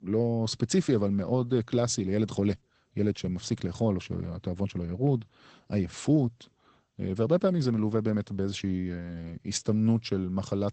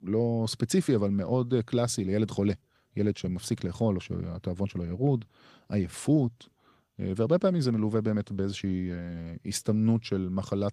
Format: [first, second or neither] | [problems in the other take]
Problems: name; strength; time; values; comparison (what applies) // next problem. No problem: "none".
second | garbled, watery; badly; nothing above 8 kHz; slightly in the second